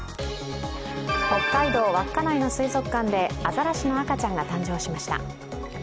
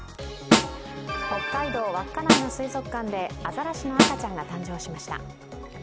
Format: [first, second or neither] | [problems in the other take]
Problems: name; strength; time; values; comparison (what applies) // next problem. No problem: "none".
first | background sound (Snare drum); 4 dB above the speech